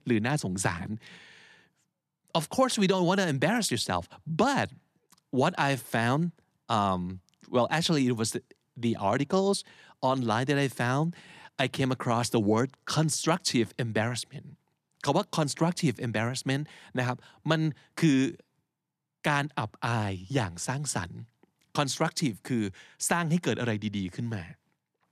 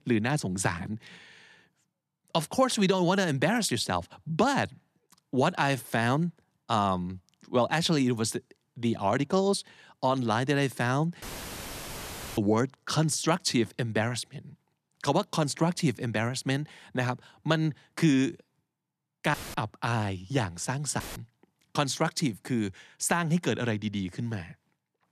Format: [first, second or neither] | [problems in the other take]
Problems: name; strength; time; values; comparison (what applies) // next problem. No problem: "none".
first | audio cutting out; filled with static; at 11 s for 1 s, at 19 s and at 21 s